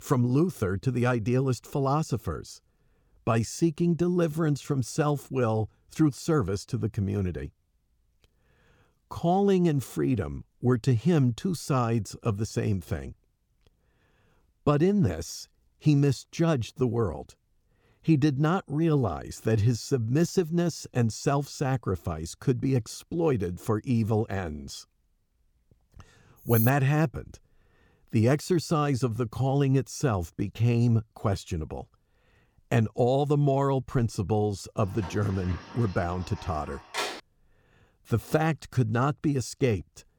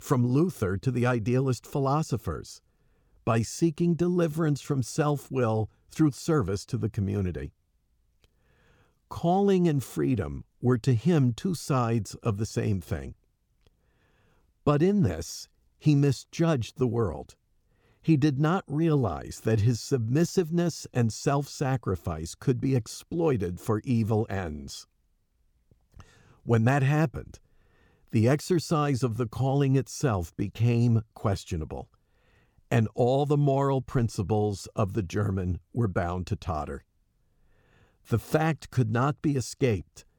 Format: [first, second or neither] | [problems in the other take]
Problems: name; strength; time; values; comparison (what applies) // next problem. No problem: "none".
second | jangling keys; noticeable; at 26 s; peak 3 dB below the speech // door banging; noticeable; from 35 to 37 s; peak 5 dB below the speech